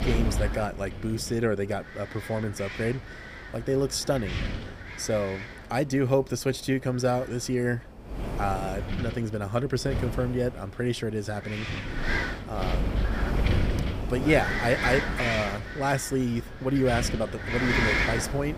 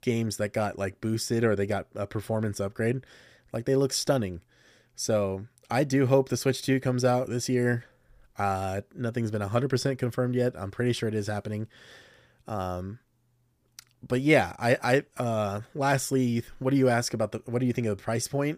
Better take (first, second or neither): second